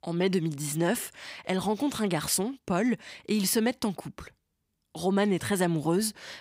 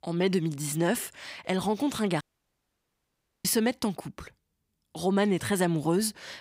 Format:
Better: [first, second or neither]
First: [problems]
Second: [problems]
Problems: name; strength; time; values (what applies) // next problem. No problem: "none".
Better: first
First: none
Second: audio cutting out; at 2 s for 1 s